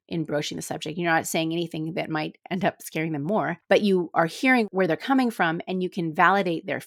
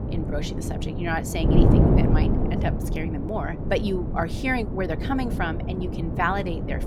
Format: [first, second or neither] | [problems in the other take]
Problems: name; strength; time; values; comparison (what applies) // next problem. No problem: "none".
first | wind noise on the microphone; heavy; 3 dB below the speech